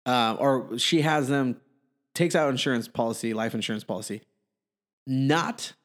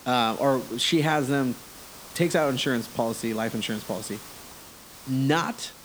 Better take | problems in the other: first | hiss; noticeable; throughout; 15 dB below the speech

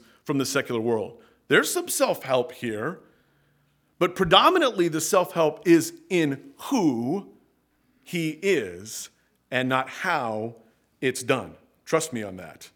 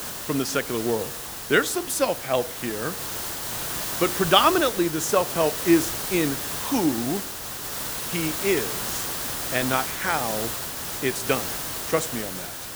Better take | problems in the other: first | hiss; loud; throughout; 4 dB below the speech

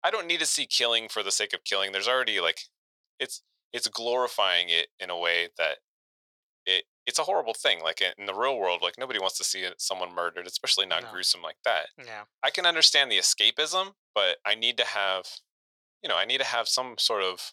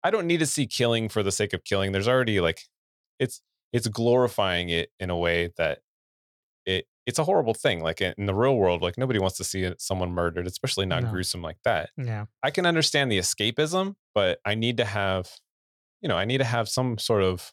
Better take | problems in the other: second | thin; very; fading below 700 Hz

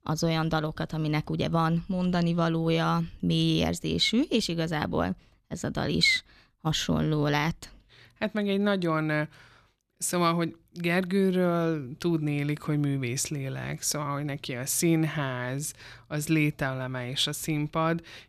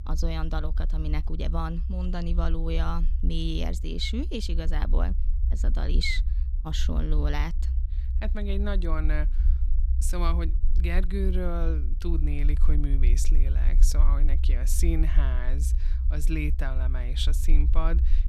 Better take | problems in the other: first | low rumble; noticeable; throughout; 15 dB below the speech

